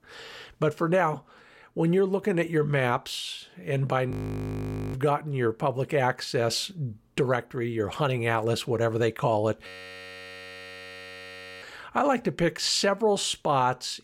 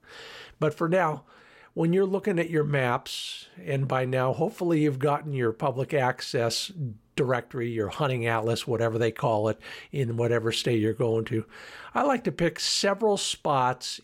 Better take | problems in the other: second | audio freezing; at 4 s for 1 s and at 9.5 s for 2 s

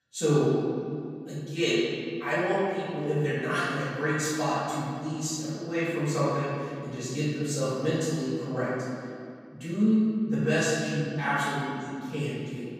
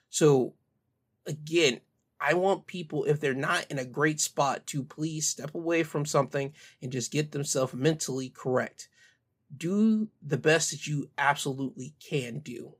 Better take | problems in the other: second | off-mic speech; far // room echo; strong; dies away in 2.2 s

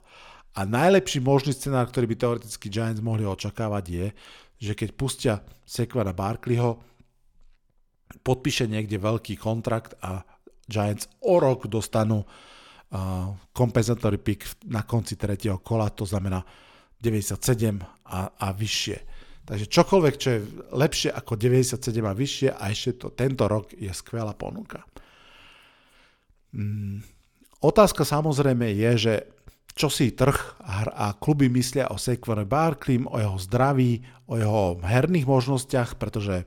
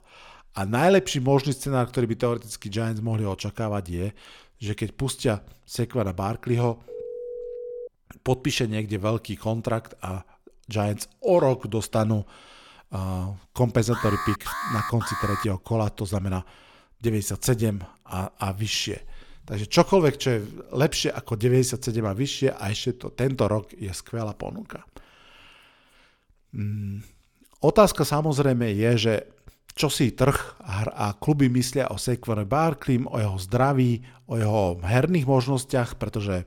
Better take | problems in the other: first | phone ringing; faint; from 7 to 8 s; peak 10 dB below the speech // alarm; noticeable; from 14 to 15 s; peak 4 dB below the speech

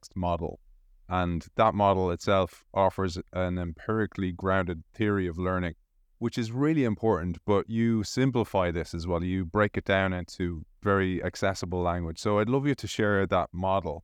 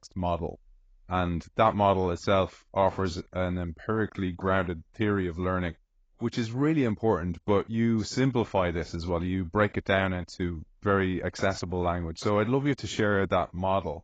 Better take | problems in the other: first | garbled, watery; badly; nothing above 7.5 kHz

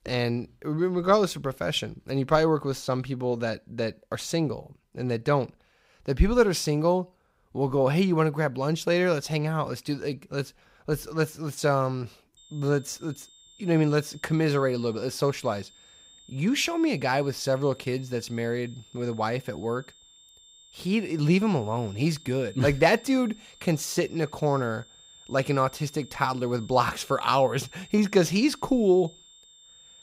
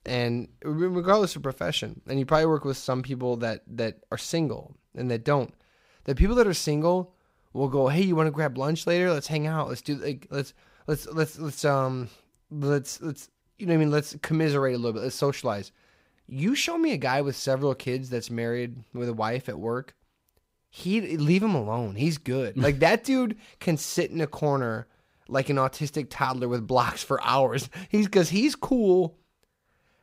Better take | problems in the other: second | high-pitched whine; faint; from 12 s on; 3.5 kHz, 25 dB below the speech

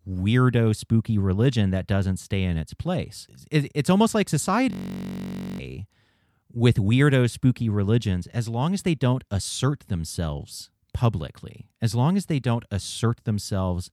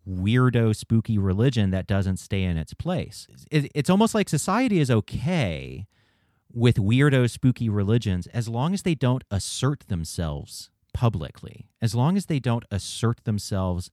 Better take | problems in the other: second | audio freezing; at 4.5 s for 1 s

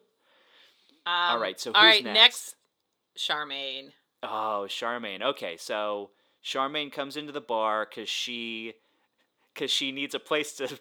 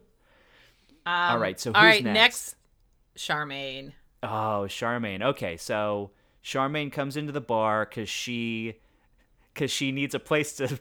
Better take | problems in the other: second | thin; very slightly; fading below 350 Hz

